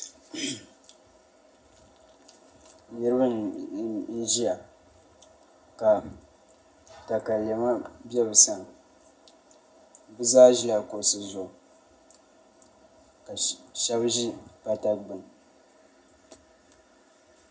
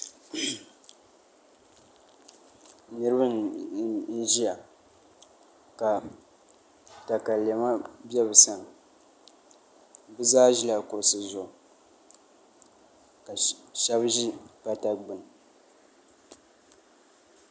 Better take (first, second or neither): second